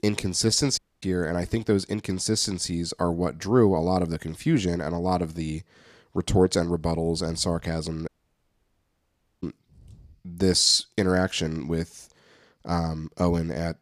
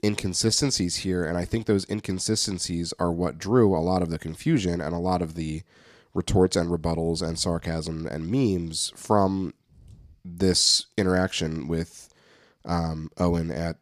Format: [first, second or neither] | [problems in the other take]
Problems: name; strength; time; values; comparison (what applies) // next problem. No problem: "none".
second | audio cutting out; at 1 s and at 8 s for 1.5 s